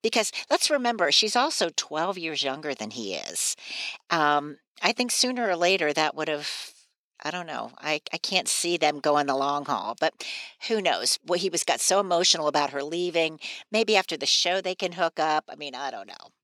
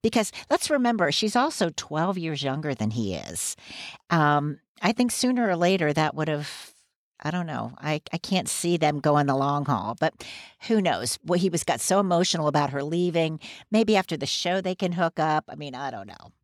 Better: second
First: thin; somewhat; fading below 400 Hz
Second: none

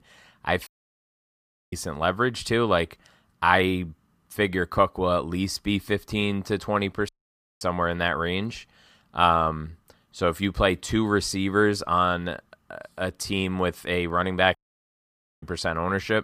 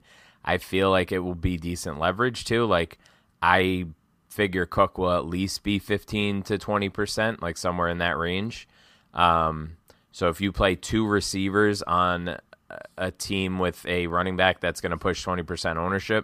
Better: second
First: audio cutting out; at 0.5 s for 1 s, at 7 s for 0.5 s and at 15 s for 1 s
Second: none

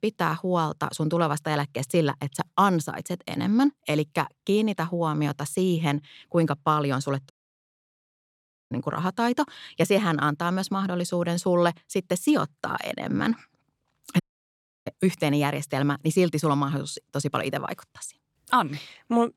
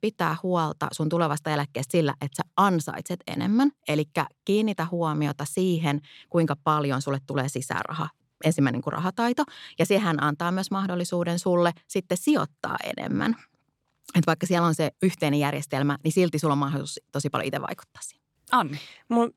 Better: second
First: audio cutting out; at 7.5 s for 1.5 s and at 14 s for 0.5 s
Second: none

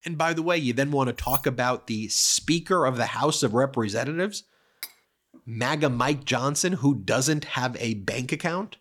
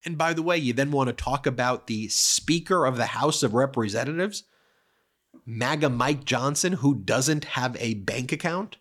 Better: second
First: jangling keys; noticeable; at 1.5 s; peak 4 dB below the speech // clattering dishes; faint; at 5 s; peak 15 dB below the speech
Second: none

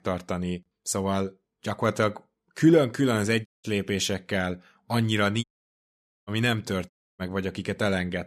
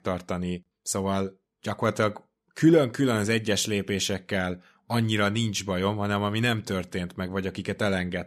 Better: second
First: audio cutting out; at 3.5 s, at 5.5 s for 1 s and at 7 s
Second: none

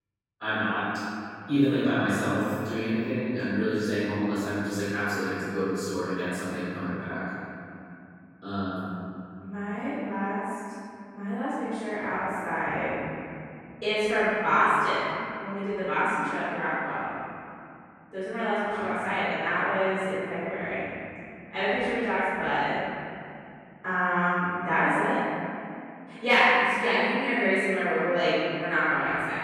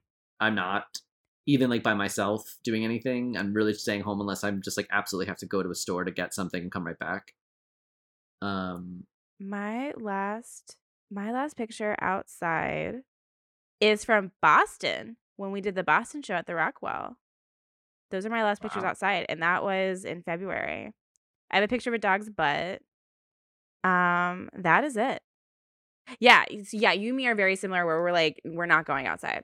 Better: second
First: off-mic speech; far // room echo; strong; dies away in 2.9 s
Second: none

